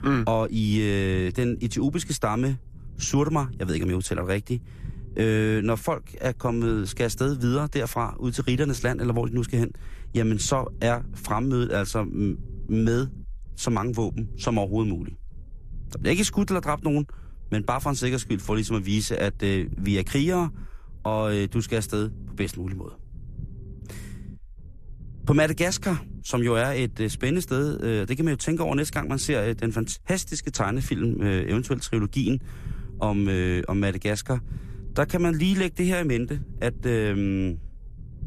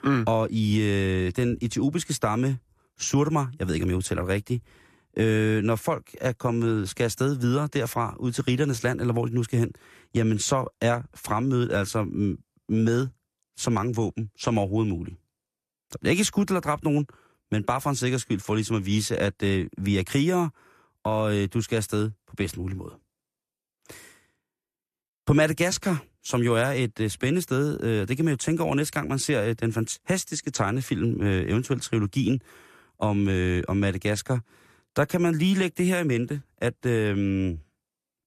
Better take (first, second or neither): second